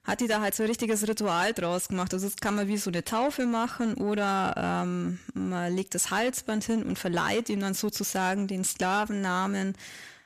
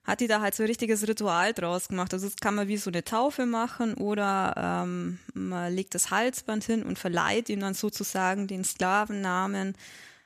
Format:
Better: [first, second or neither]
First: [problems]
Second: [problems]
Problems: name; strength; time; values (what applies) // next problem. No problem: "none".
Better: second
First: distortion; slight; 10 dB below the speech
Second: none